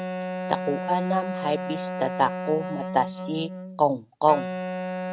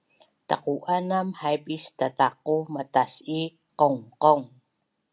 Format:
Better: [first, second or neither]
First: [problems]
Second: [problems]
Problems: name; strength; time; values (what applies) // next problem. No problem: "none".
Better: second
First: noise reduction (neural mask model RNNoise)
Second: none